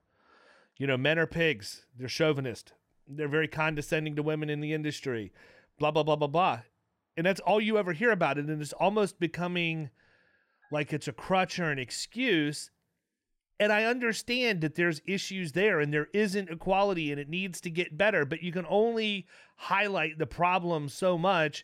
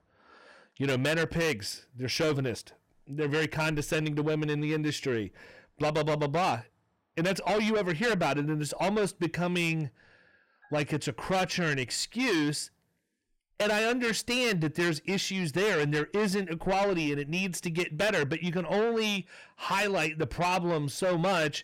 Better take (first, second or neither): first